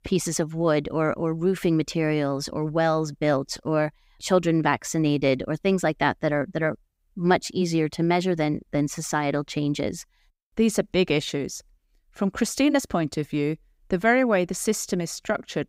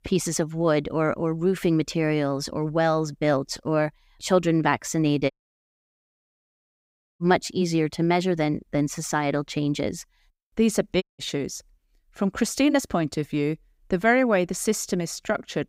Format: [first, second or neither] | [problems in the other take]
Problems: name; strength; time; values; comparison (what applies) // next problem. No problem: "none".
first | audio cutting out; at 5.5 s for 2 s and at 11 s